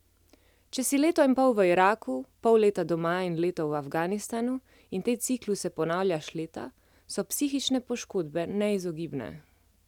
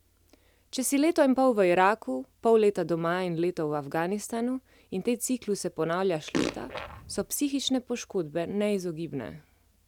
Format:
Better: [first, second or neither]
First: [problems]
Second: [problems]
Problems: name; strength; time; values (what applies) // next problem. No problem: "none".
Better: first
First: none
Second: background sound (Fart); 6 dB below the speech